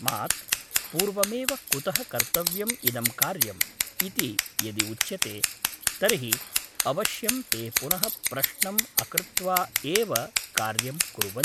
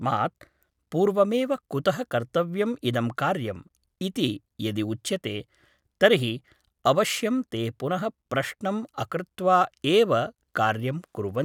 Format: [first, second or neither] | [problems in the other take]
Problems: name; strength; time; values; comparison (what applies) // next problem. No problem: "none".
second | background sound (Scissors); 3 dB above the speech